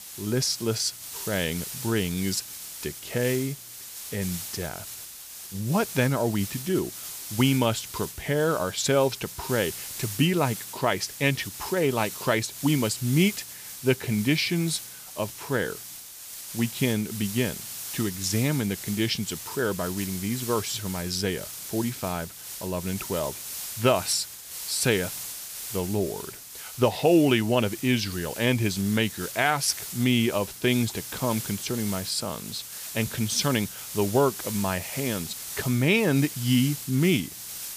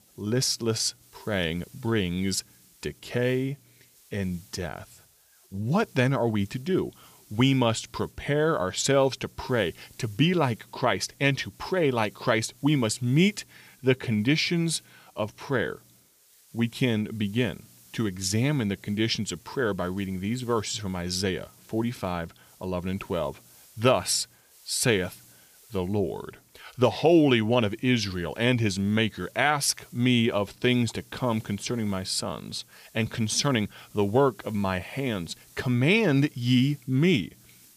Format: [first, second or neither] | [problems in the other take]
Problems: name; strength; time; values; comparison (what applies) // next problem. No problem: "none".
second | hiss; loud; throughout; 9 dB below the speech; faint in the second